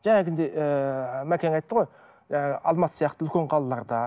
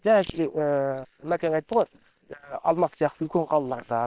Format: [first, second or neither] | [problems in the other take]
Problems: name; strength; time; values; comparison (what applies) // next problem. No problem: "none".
first | noise reduction (neural separator model SepFormer WHAM!)